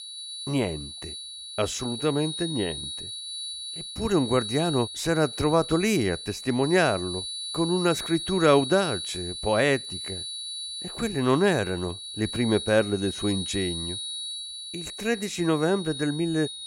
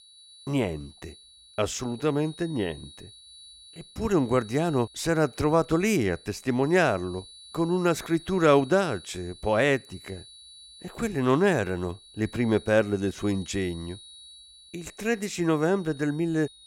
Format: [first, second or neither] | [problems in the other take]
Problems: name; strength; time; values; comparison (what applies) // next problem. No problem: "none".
second | high-pitched whine; loud; throughout; 4 kHz, 7 dB below the speech; faint in the second